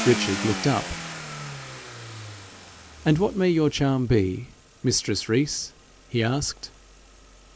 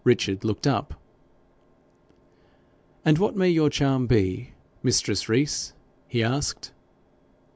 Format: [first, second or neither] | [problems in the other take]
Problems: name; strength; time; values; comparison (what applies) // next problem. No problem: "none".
second | background sound (Car); 11 dB below the speech